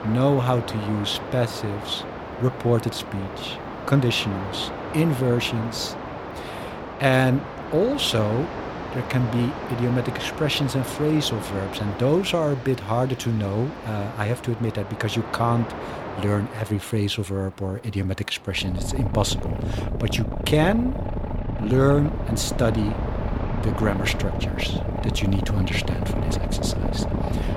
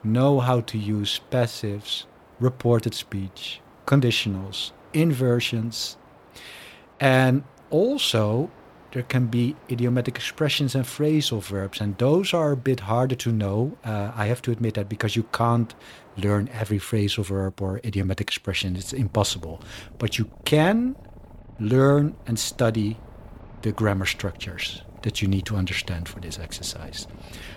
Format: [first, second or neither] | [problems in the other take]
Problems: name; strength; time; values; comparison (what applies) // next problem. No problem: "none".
second | train or aircraft noise; loud; throughout; 6 dB below the speech; faint in the second